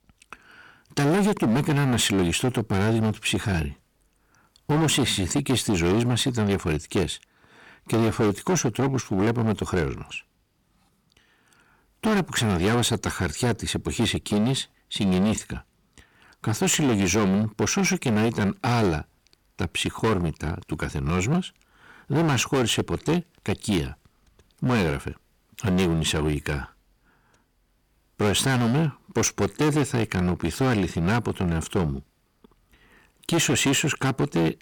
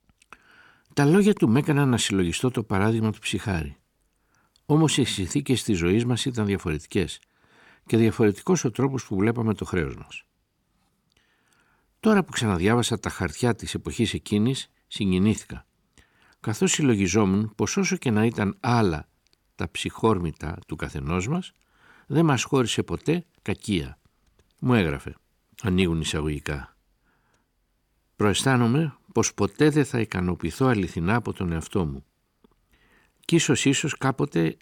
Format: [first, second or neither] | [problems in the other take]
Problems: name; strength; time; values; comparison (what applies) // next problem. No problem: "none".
second | distortion; heavy; 14% of the sound clipped